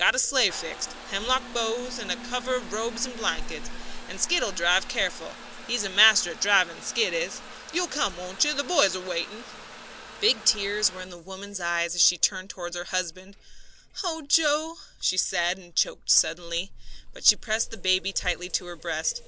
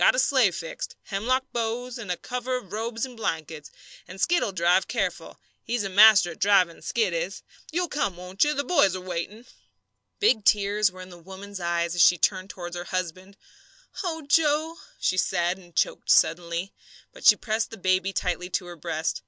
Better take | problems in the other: second | background sound (Trickle, dribble / Bathtub (filling or washing) / Water tap, faucet); 12 dB below the speech

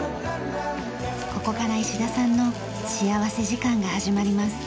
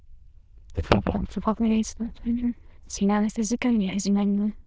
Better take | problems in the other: first | noise reduction (neural diffusion model UNIVERSE++)

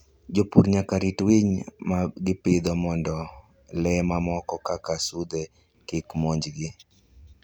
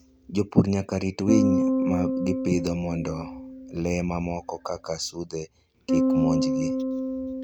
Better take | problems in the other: first | background sound (Bass guitar); as loud as the speech

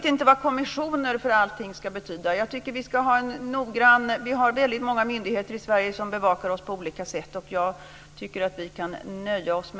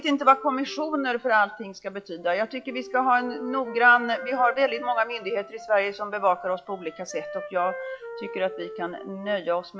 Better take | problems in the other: first | noise reduction (classical method log-MMSE)

